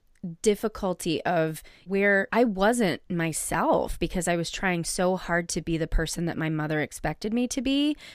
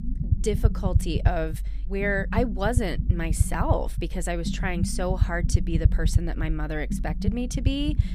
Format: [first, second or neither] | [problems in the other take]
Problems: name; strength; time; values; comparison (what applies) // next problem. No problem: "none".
first | low rumble; noticeable; throughout; 10 dB below the speech